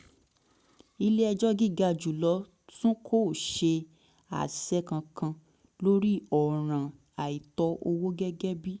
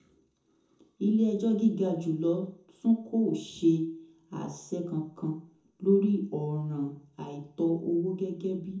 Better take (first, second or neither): first